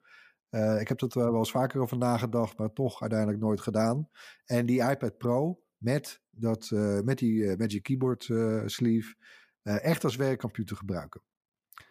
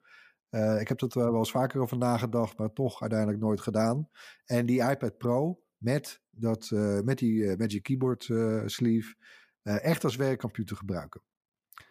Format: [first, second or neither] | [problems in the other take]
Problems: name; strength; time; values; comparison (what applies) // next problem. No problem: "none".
neither | none